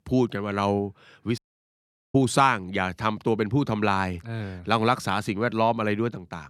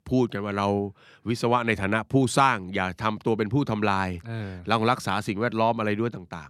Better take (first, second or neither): second